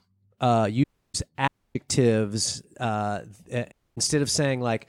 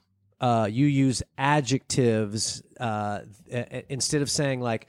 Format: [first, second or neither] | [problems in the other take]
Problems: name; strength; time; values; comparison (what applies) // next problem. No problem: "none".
second | audio cutting out; at 1 s, at 1.5 s and at 3.5 s